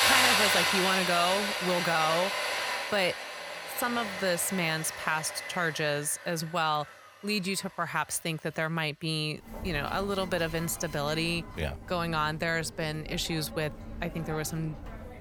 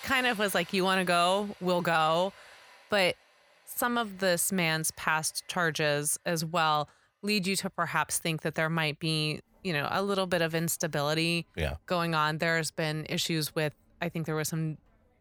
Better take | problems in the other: second | machinery noise; loud; throughout; as loud as the speech; faint in the second

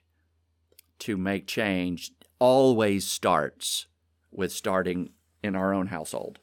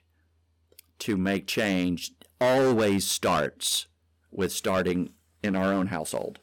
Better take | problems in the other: first | distortion; heavy; 7% of the sound clipped

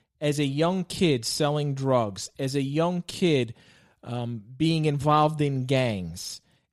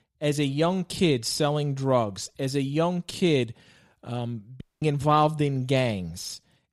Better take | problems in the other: first | audio cutting out; at 4.5 s

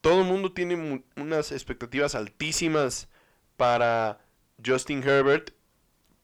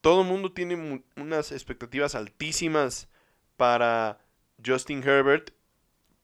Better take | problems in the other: second | distortion; slight; 10 dB below the speech

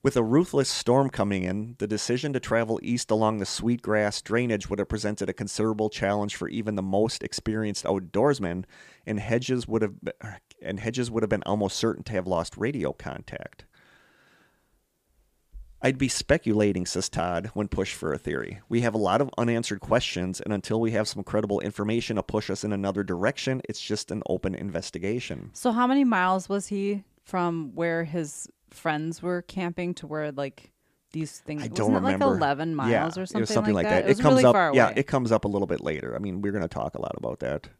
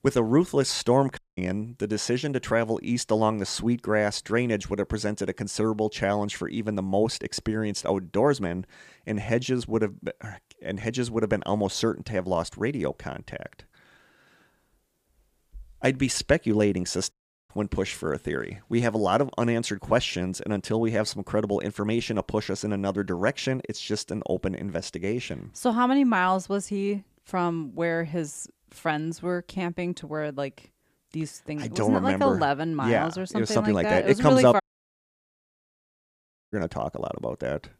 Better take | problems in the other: first | audio cutting out; at 1 s, at 17 s and at 35 s for 2 s

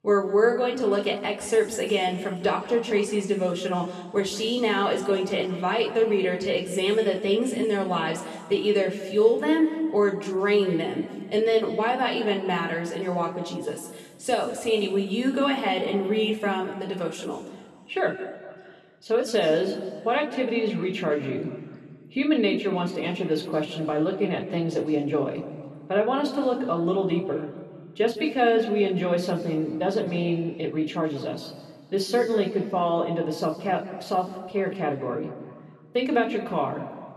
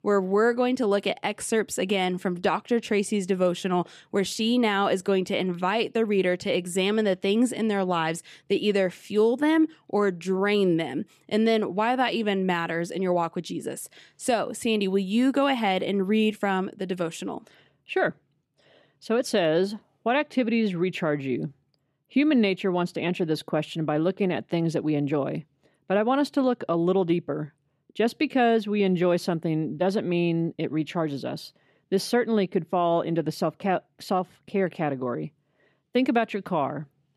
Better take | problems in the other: second | room echo; slight; dies away in 1.6 s // off-mic speech; somewhat distant

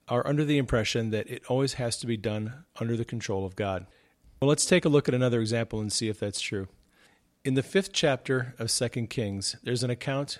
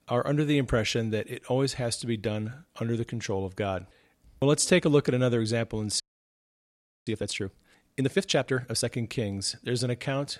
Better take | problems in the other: first | audio freezing; at 6 s for 1 s

